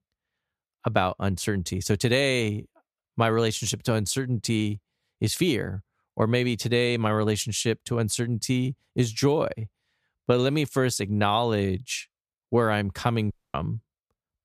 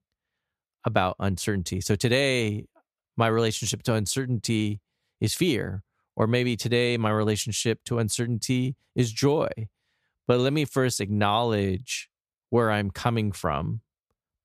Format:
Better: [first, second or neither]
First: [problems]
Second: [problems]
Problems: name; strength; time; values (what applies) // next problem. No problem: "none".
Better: second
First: audio cutting out; at 13 s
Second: none